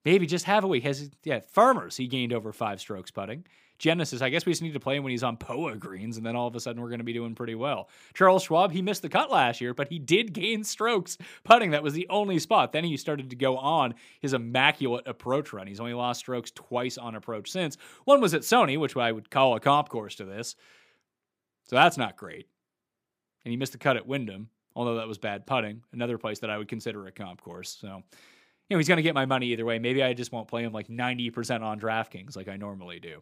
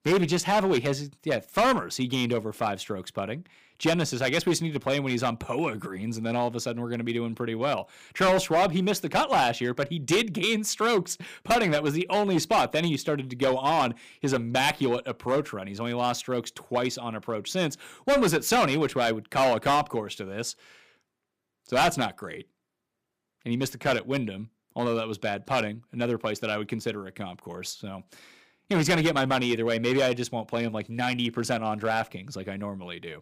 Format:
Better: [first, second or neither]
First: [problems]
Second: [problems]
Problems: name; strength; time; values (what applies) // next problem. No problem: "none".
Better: first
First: none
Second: distortion; heavy; 5% of the sound clipped